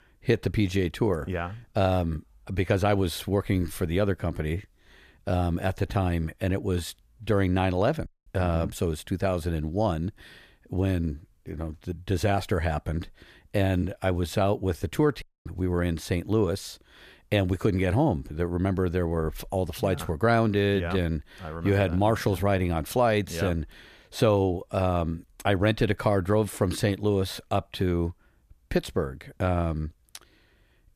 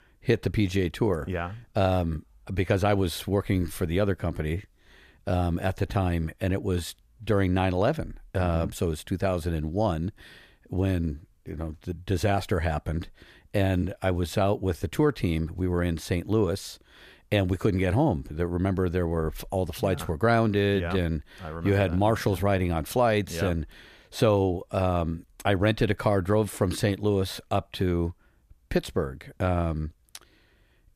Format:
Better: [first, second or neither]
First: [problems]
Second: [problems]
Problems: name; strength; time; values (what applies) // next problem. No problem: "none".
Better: second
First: audio cutting out; at 8 s and at 15 s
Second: none